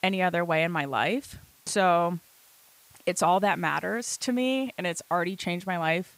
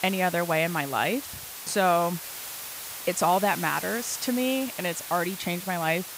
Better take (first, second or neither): first